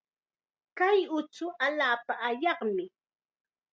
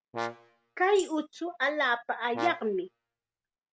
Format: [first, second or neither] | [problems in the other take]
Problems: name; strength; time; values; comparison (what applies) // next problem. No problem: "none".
first | background sound (Brass instrument + Tambourine); 10 dB below the speech